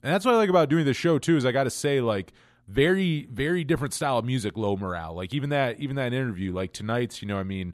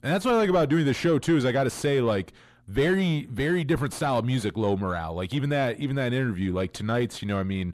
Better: first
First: none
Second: distortion; slight; 10 dB below the speech

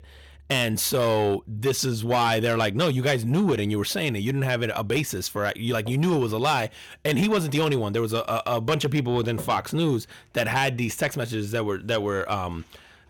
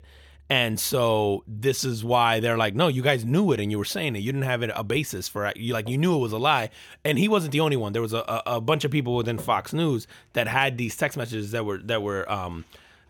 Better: second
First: distortion; slight; 10 dB below the speech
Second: none

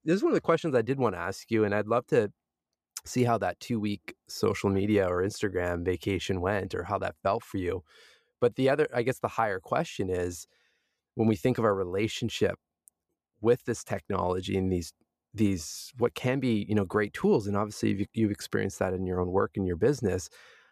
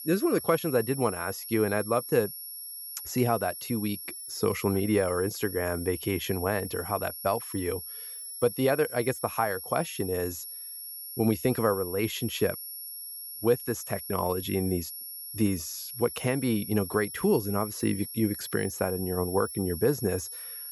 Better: first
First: none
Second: high-pitched whine; loud; throughout; 11.5 kHz, 8 dB below the speech

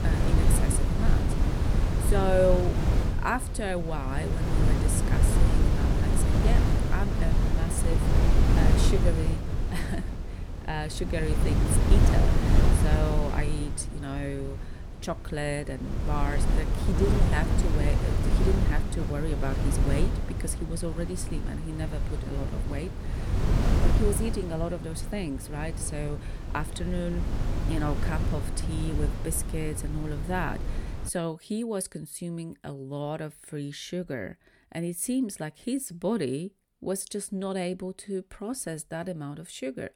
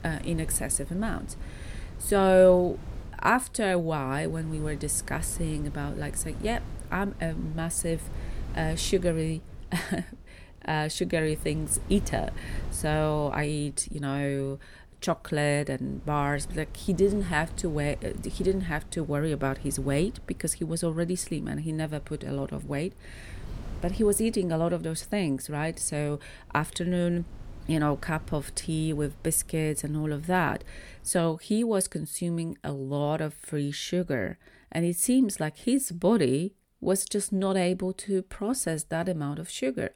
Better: second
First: wind noise on the microphone; heavy; until 31 s; 2 dB below the speech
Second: wind noise on the microphone; occasional gusts; until 31 s; 20 dB below the speech

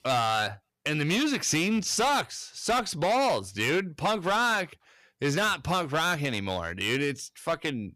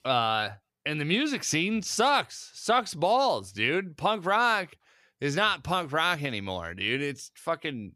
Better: second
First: distortion; heavy; 12% of the sound clipped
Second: none

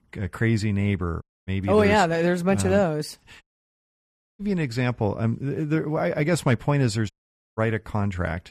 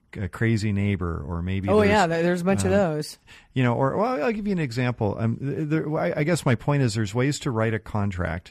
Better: second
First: audio cutting out; at 1 s, at 3.5 s for 1 s and at 7 s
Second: none

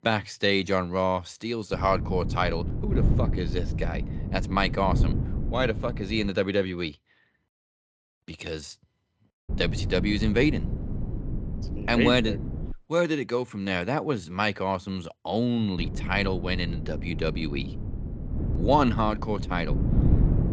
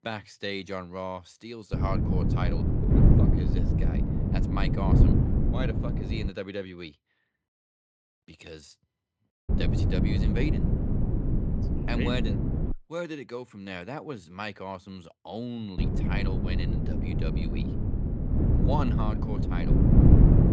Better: first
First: wind noise on the microphone; occasional gusts; from 1.5 to 6.5 s, from 9.5 to 13 s and from 16 s on; 15 dB below the speech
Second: wind noise on the microphone; heavy; from 1.5 to 6.5 s, from 9.5 to 13 s and from 16 s on; 2 dB above the speech

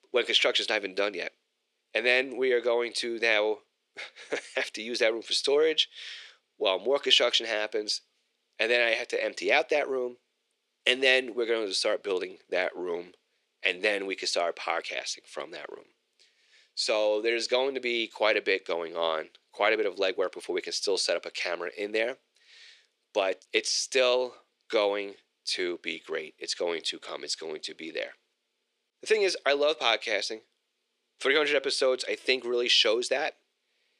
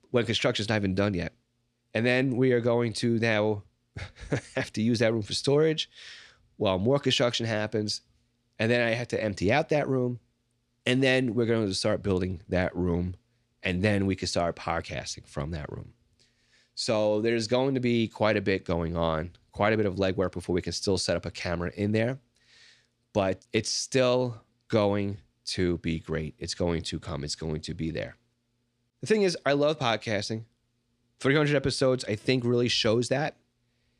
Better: second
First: thin; very; fading below 400 Hz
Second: none

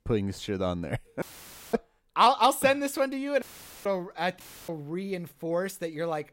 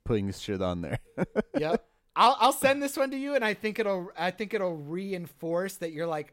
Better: second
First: audio cutting out; filled with static; at 1 s for 0.5 s, at 3.5 s and at 4.5 s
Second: none

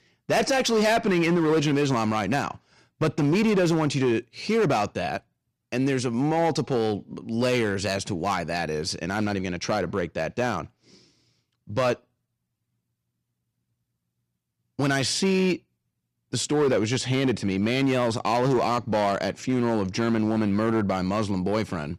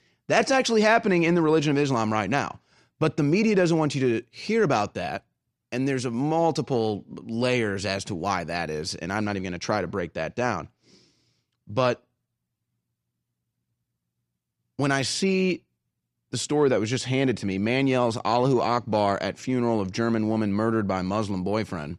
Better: second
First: distortion; slight; 7% of the sound clipped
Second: none

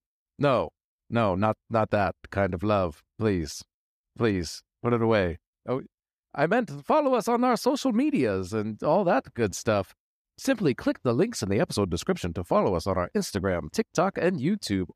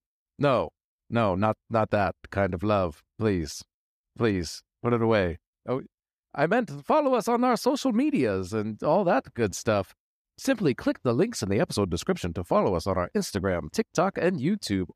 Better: neither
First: none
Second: none

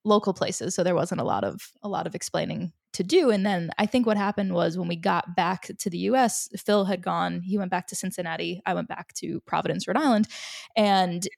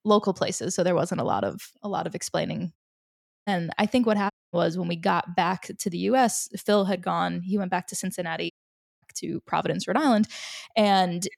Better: first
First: none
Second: audio cutting out; at 3 s for 0.5 s, at 4.5 s and at 8.5 s for 0.5 s

